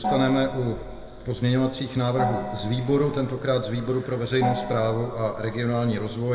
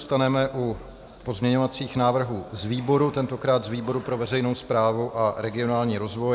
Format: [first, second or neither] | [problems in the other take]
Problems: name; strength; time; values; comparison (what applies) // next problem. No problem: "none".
second | background sound (Gong); 8 dB below the speech // room echo; dies away in 1.6 s